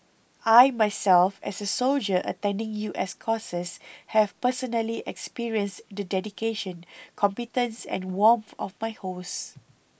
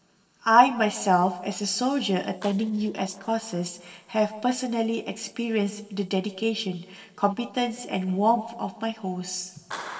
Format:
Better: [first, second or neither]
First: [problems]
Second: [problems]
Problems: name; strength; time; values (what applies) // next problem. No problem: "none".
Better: first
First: none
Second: noise reduction (neural separator model SepFormer DNS4)